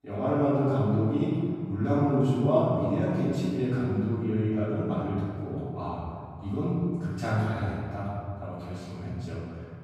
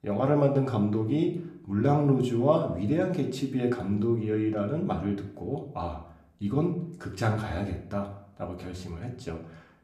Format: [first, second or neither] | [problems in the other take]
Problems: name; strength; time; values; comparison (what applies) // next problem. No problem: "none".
second | room echo; strong; dies away in 2.3 s; slight in the second // off-mic speech; far; somewhat distant in the second